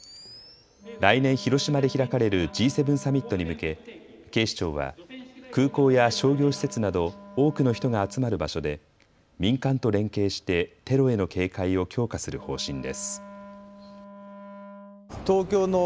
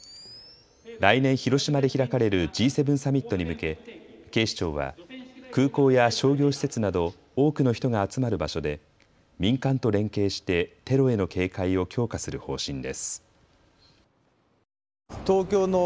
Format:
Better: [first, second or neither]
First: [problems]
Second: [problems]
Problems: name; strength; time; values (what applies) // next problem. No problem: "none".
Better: second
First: background sound (Wind instrument, woodwind instrument); 20 dB below the speech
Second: none